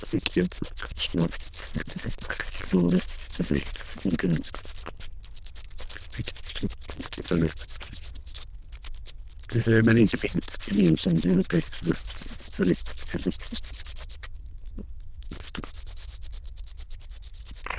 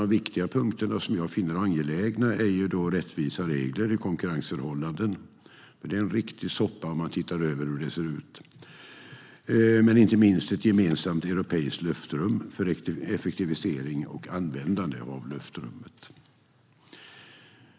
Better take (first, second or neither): second